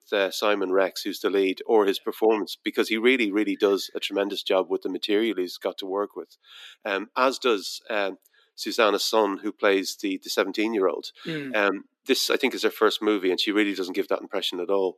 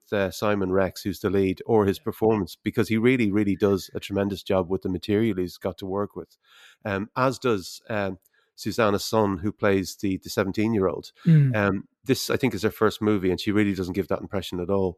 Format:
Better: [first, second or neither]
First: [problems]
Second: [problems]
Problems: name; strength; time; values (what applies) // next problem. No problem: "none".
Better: second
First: thin; somewhat; fading below 250 Hz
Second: none